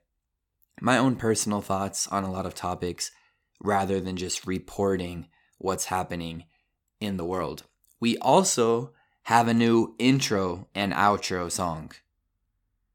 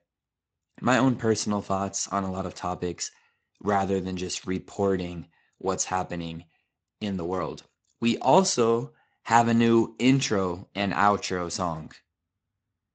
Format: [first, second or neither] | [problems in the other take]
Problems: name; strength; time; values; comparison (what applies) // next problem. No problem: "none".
first | garbled, watery; slightly; nothing above 7.5 kHz